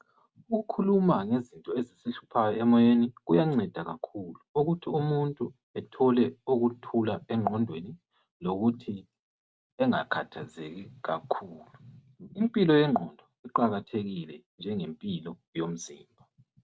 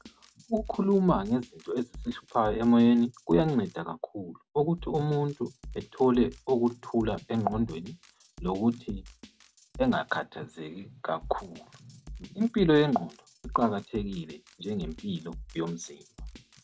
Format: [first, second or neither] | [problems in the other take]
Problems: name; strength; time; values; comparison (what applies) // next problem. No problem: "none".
first | background sound (Drum kit); 18 dB below the speech